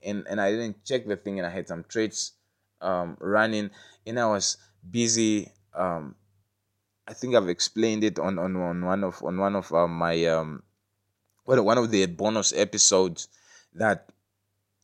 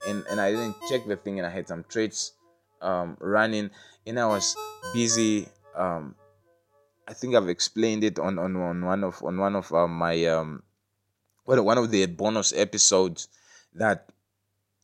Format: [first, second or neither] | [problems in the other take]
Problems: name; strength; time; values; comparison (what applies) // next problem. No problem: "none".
first | phone ringing; faint; until 5.5 s; peak 10 dB below the speech